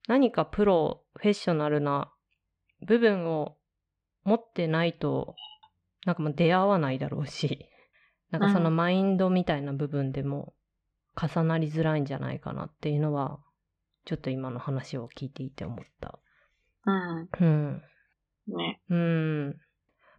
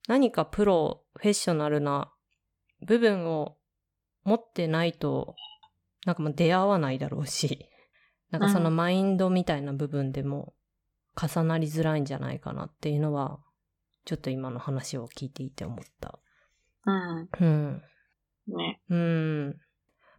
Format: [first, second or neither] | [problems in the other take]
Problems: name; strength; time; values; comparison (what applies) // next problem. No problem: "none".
second | muffled; slightly; fading above 3 kHz